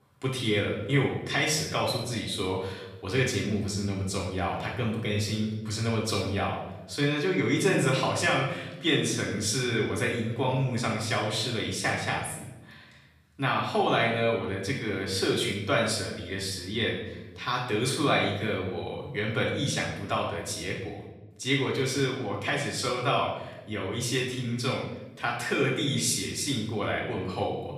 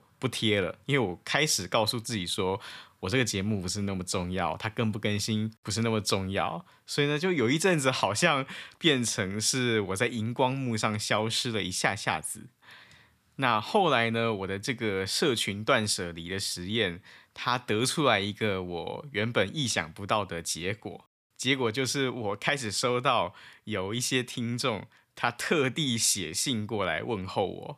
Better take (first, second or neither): second